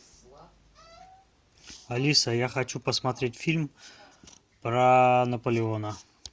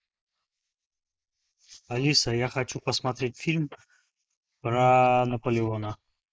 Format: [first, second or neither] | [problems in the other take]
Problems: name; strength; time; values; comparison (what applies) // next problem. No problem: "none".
first | noise reduction (neural mask model Resemble Enhance denoiser)